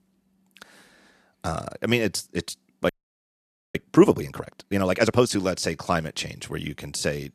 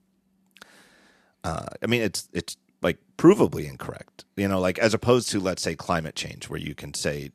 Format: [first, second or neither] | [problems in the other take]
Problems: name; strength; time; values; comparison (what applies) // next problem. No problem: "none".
second | audio freezing; at 3 s for 1 s